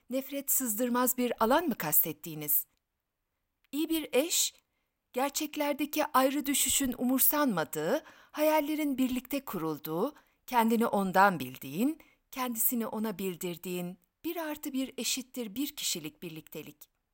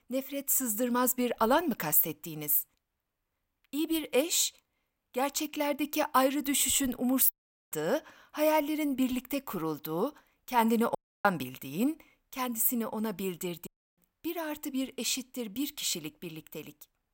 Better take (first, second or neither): first